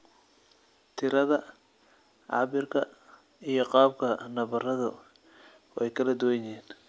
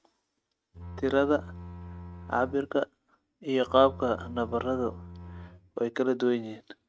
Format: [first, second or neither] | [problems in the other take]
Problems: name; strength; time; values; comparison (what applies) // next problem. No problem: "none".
first | noise reduction (neural mask model RNNoise)